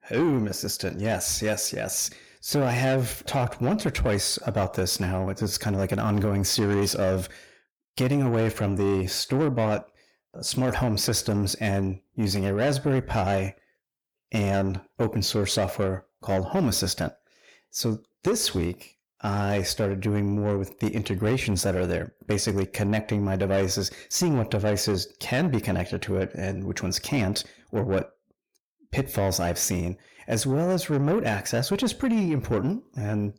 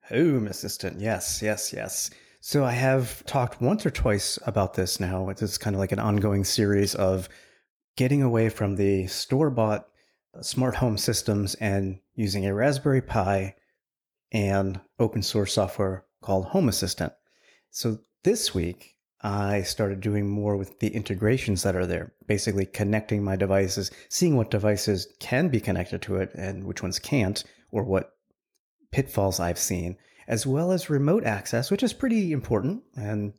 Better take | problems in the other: second | distortion; slight; 10 dB below the speech

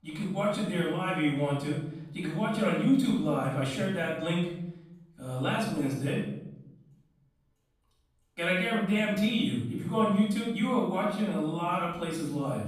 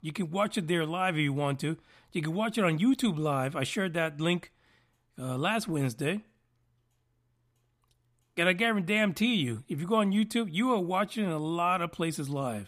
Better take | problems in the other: second | off-mic speech; far // room echo; noticeable; dies away in 0.8 s

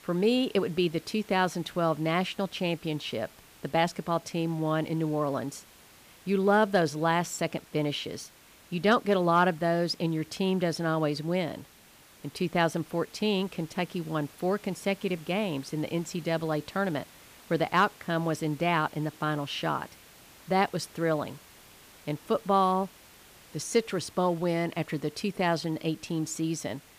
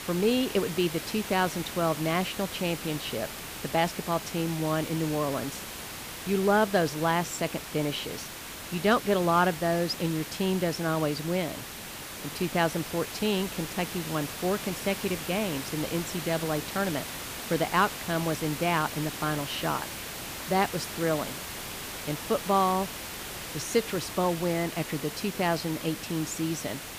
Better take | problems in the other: first | hiss; loud; throughout; 8 dB below the speech; faint in the first

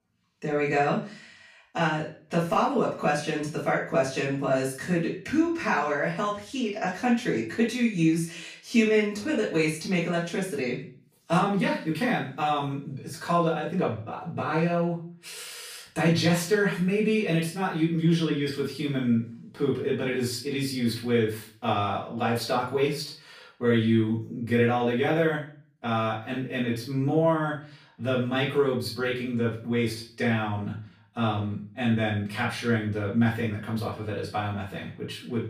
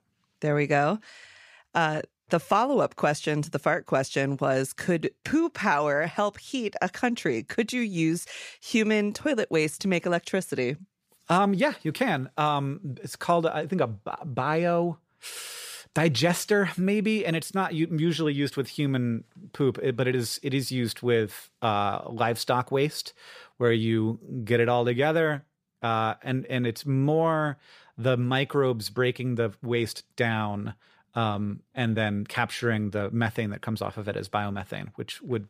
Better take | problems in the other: second | room echo; slight; dies away in 0.4 s // off-mic speech; far

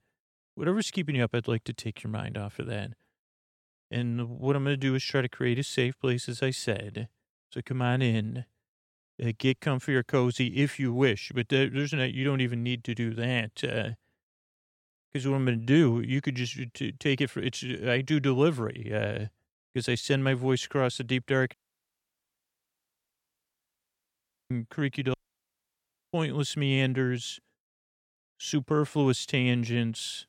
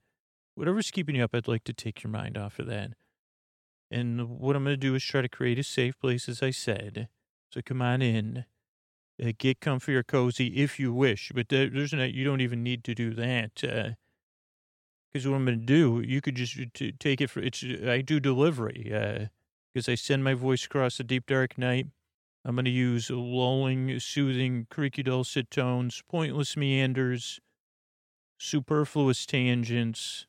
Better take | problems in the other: second | audio cutting out; at 22 s for 3 s and at 25 s for 1 s

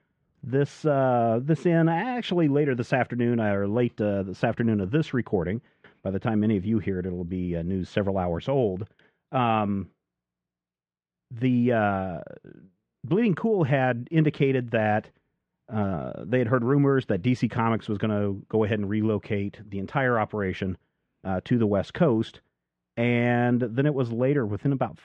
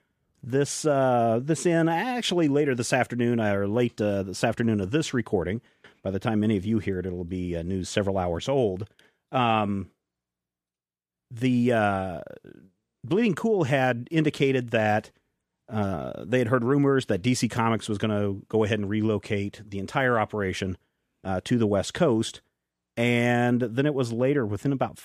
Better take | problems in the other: second | muffled; slightly; fading above 2.5 kHz

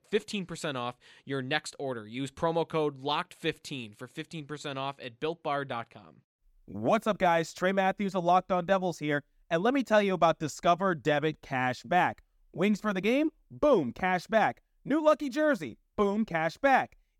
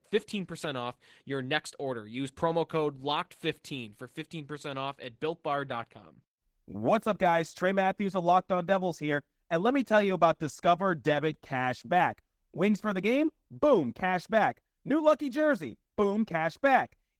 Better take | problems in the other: first | garbled, watery; slightly; nothing above 18.5 kHz

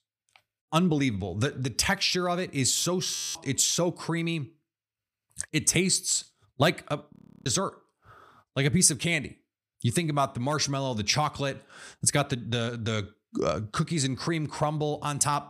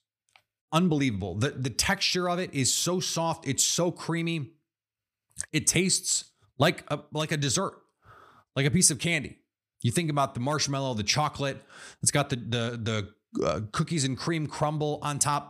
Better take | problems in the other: second | audio freezing; at 3 s and at 7 s

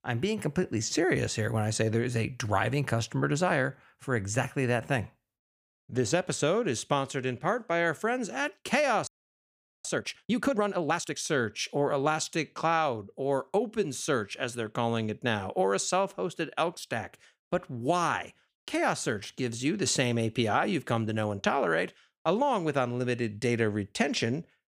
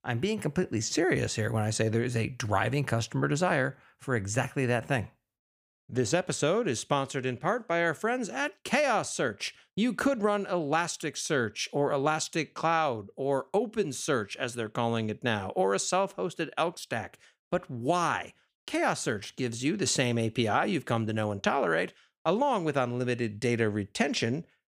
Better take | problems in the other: second | audio freezing; at 9 s for 1 s

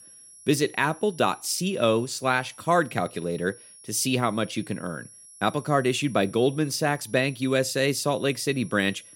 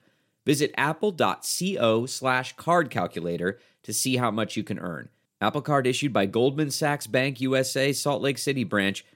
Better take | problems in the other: second | high-pitched whine; faint; throughout; 11 kHz, 20 dB below the speech

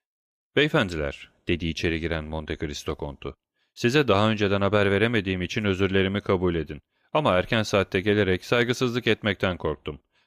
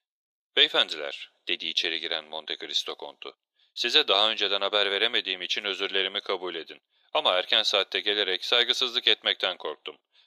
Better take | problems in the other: first | thin; very; fading below 450 Hz

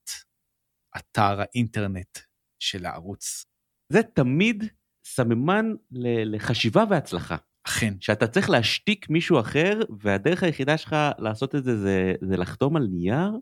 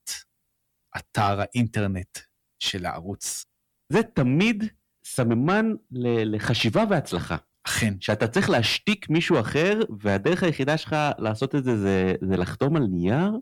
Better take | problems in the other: first | distortion; slight; 10 dB below the speech

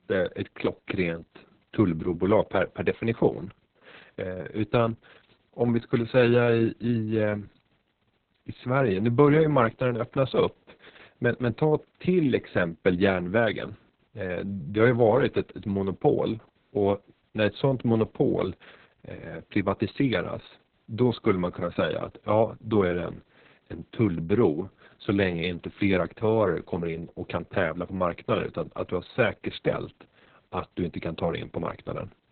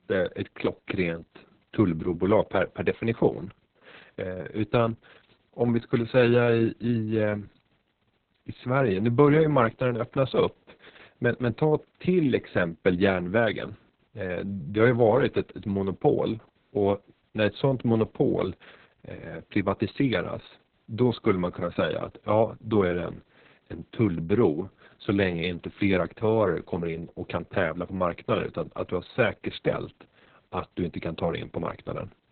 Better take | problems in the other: neither | garbled, watery; badly; nothing above 4 kHz; the same in both

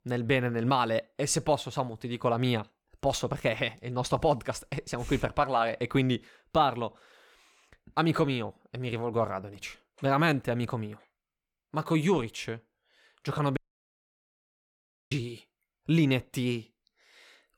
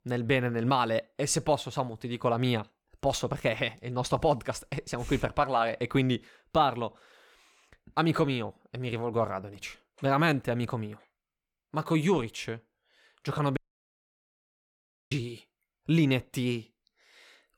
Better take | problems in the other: neither | audio cutting out; at 14 s for 1.5 s; the same in both

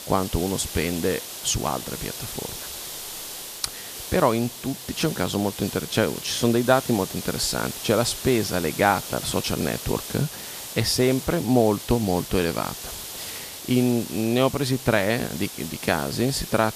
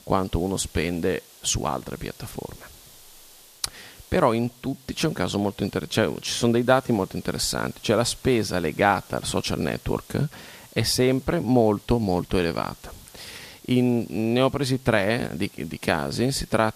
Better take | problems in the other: second | hiss; loud; throughout; 9 dB below the speech; faint in the second

